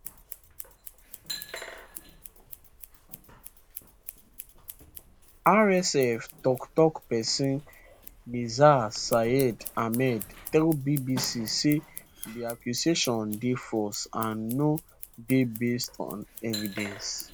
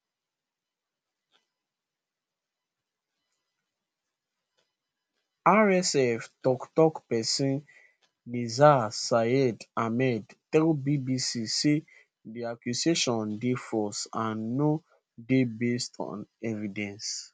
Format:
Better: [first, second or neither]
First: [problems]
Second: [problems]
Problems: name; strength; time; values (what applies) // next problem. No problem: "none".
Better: second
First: background sound (Scissors); 16 dB below the speech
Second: none